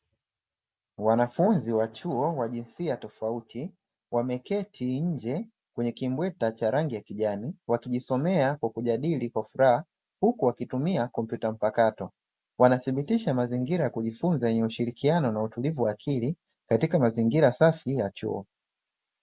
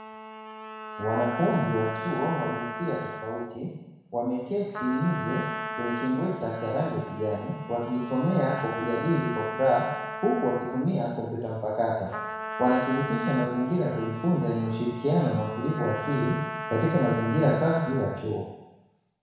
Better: first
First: none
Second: background sound (Trumpet); 9 dB below the speech // room echo; dies away in 1.1 s

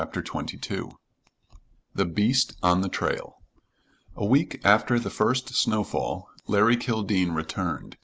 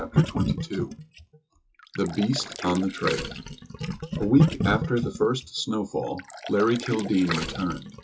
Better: first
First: none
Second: noise reduction (classical method WPE with log-MMSE)

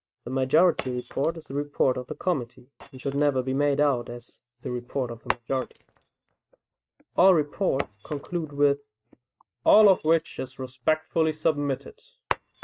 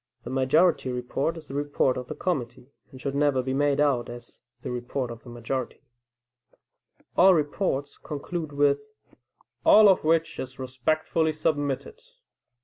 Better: second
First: noise reduction (neural mask model RNNoise)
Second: none

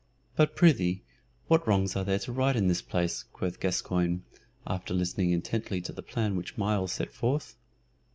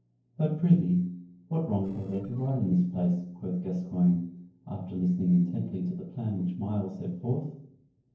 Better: first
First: none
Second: noise reduction (neural separator model SepFormer DNS4)

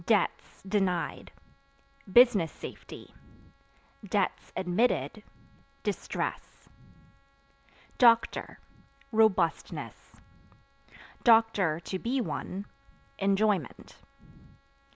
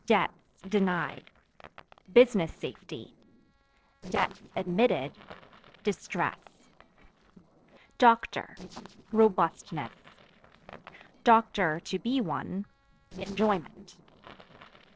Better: first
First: none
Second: noise reduction (neural separator model SepFormer DNS4)

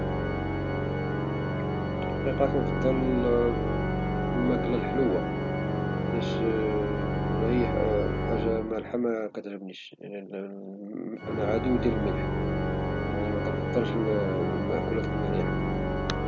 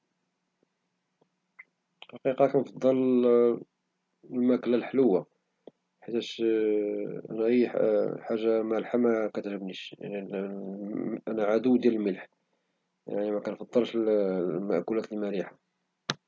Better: second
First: background sound (Organ); 2 dB above the speech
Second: none

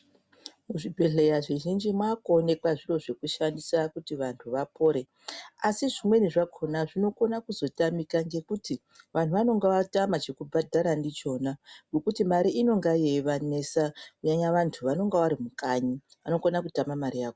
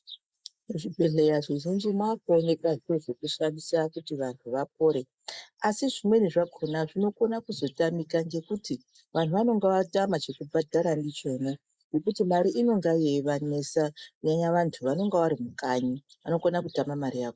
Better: first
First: none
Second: noise reduction (neural mask model Resemble Enhance denoiser)

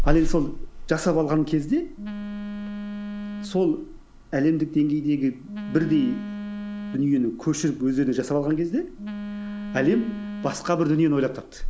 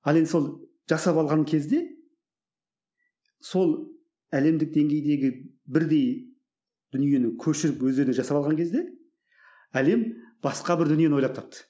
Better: second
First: background sound (Telephone); 6 dB below the speech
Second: none

